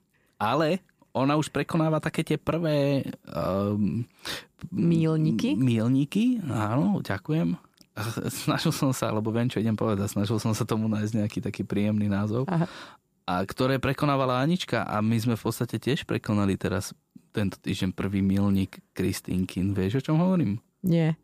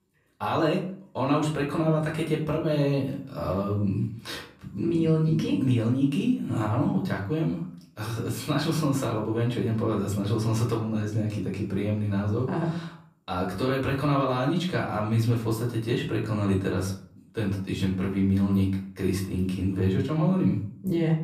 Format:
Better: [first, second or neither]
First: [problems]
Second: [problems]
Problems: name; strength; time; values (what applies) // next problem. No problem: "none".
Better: first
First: none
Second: off-mic speech; far // room echo; slight; dies away in 0.4 s